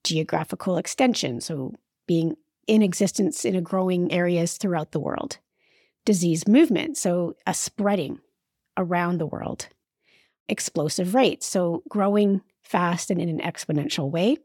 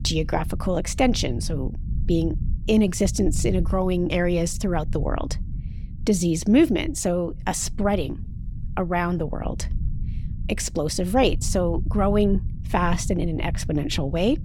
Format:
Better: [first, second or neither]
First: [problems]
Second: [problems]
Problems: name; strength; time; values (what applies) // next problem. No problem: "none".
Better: first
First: none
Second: low rumble; faint; throughout; 20 dB below the speech